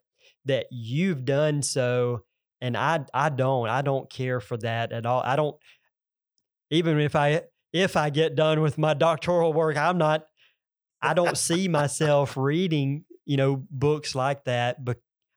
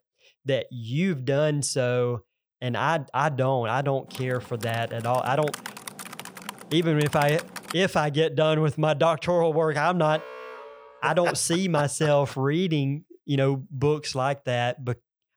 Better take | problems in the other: first | keyboard typing; noticeable; from 4 to 7.5 s; peak 10 dB below the speech // alarm; faint; from 10 to 11 s; peak 15 dB below the speech

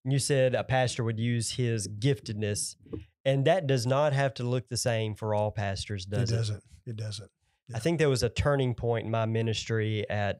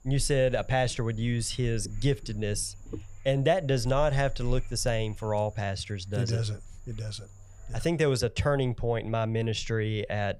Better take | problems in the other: first | animal sounds; noticeable; throughout; 20 dB below the speech

